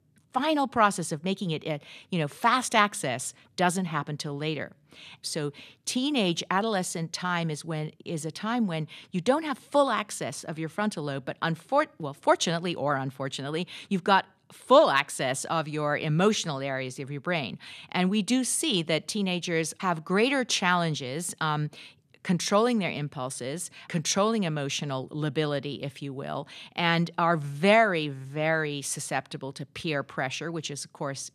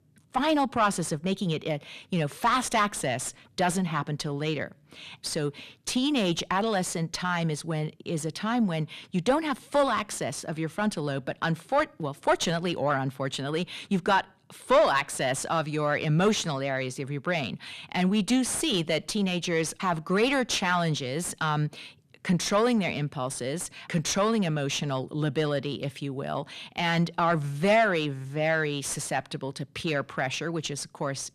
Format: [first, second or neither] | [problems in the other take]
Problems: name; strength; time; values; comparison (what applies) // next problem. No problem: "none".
first | distortion; slight; 9 dB below the speech